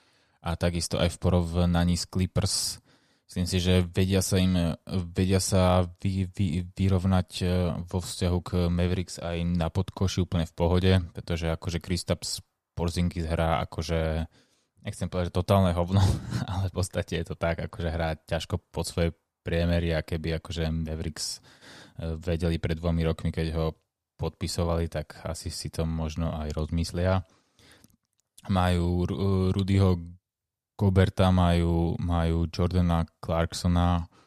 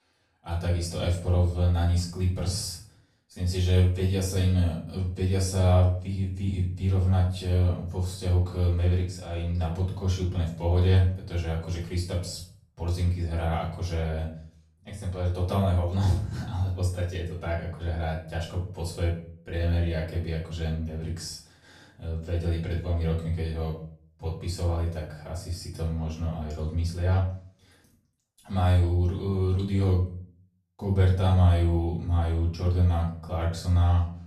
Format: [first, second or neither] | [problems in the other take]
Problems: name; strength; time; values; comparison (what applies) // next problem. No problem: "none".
first | off-mic speech; far // room echo; noticeable; dies away in 0.4 s